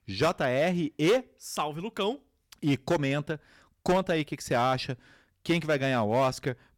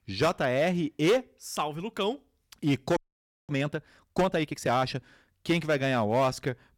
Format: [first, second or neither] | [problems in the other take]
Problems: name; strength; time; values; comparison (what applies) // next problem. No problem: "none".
first | audio freezing; at 3 s for 0.5 s